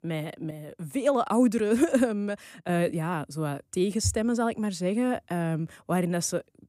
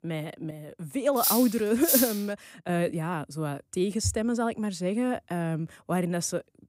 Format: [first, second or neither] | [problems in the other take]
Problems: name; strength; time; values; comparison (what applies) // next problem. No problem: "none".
first | clattering dishes; loud; from 1 to 2 s; peak 5 dB above the speech